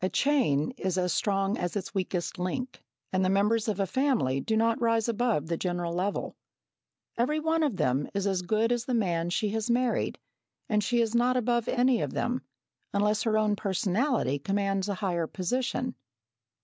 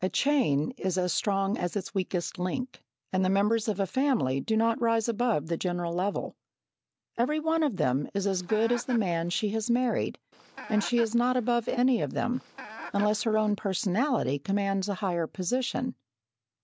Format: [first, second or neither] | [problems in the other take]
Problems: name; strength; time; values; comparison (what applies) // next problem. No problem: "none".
first | background sound (Chicken, rooster); 15 dB below the speech